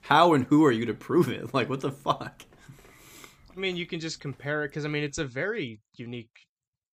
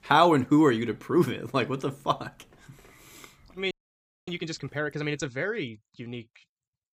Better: first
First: none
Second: audio freezing; at 3.5 s for 0.5 s

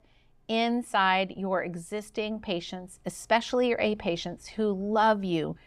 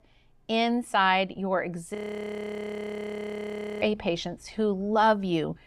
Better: first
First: none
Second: audio freezing; at 2 s for 2 s

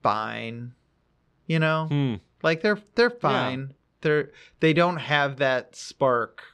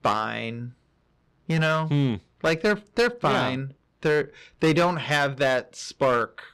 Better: first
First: none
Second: distortion; slight; 6% of the sound clipped

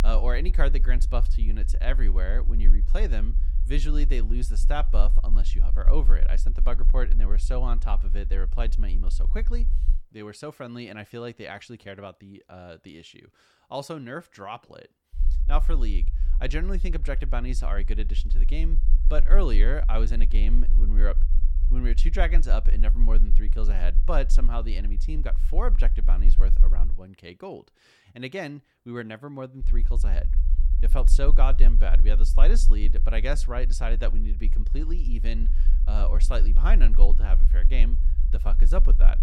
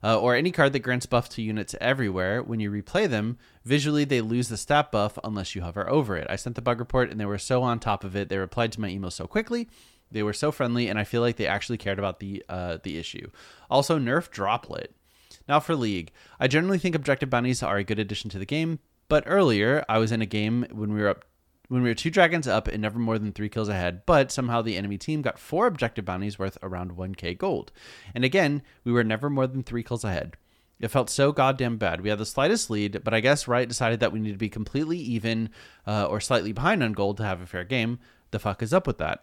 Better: second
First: low rumble; noticeable; until 10 s, from 15 to 27 s and from 30 s on; 15 dB below the speech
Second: none

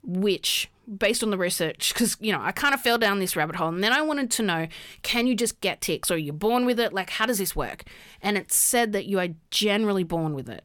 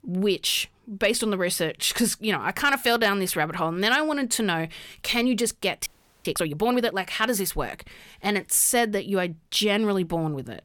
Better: first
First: none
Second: audio freezing; at 6 s

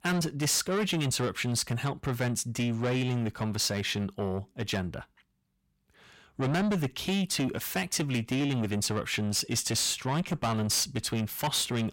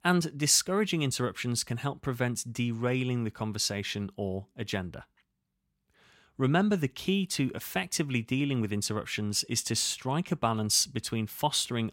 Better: second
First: distortion; heavy; 7 dB below the speech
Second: none

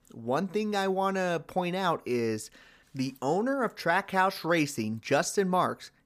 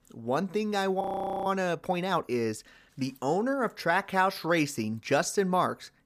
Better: first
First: none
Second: audio freezing; at 1 s

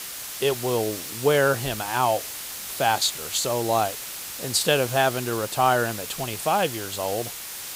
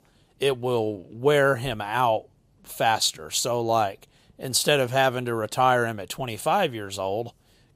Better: second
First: hiss; loud; throughout; 8 dB below the speech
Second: none

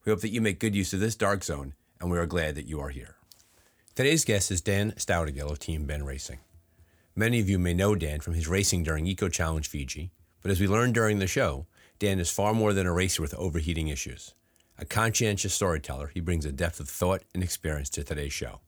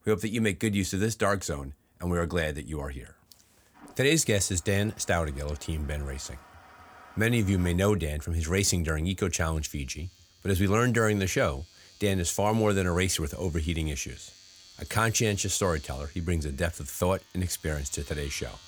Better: first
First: none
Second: household noises; faint; throughout; 25 dB below the speech

